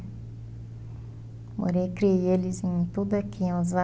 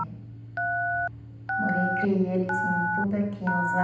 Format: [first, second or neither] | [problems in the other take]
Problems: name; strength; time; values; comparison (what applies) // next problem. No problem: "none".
first | background sound (Telephone); as loud as the speech // room echo; dies away in 0.9 s